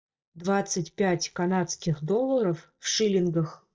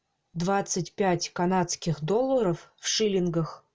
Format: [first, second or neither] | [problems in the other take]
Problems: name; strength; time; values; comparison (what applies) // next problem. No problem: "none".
second | noise reduction (neural mask model DeepFilterNet 3)